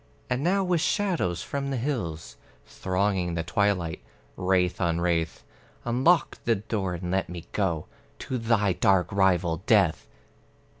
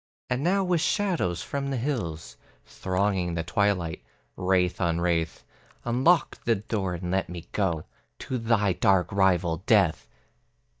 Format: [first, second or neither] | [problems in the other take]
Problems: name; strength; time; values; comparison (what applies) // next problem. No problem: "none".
first | noise reduction (neural mask model DeepFilterNet 3)